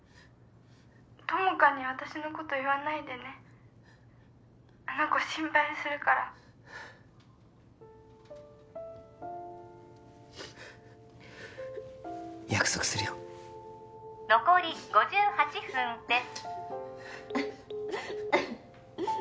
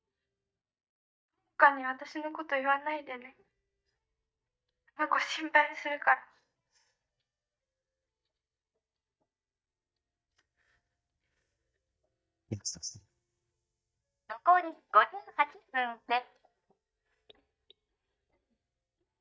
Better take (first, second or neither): first